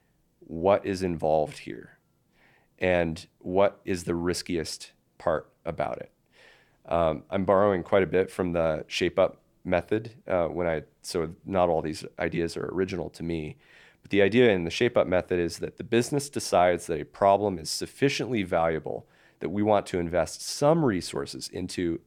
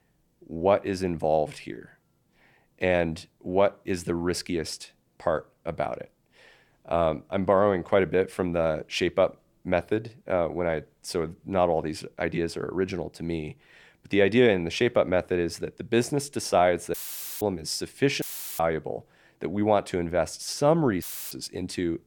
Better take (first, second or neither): first